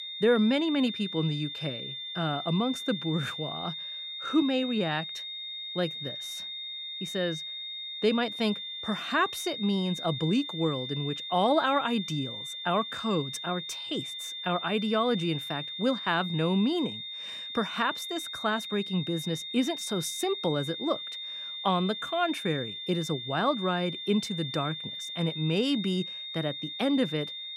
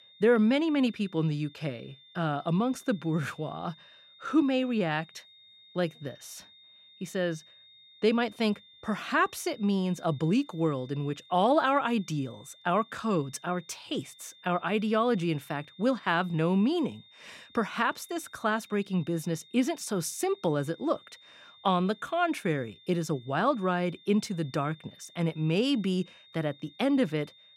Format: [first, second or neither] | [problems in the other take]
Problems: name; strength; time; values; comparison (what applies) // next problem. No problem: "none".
second | high-pitched whine; loud; throughout; 3.5 kHz, 6 dB below the speech; faint in the second